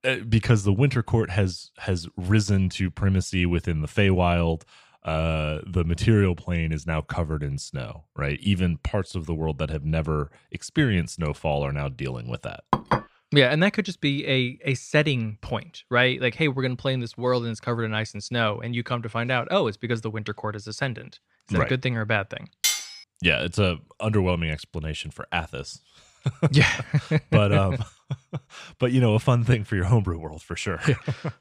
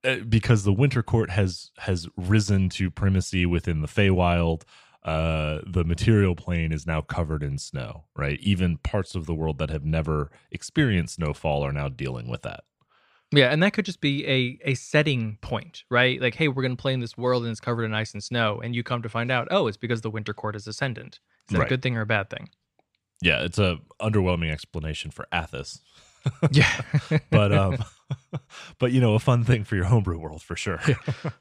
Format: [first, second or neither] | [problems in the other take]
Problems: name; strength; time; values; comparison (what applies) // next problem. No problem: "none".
second | clattering dishes; loud; at 13 s and at 23 s; peak 1 dB above the speech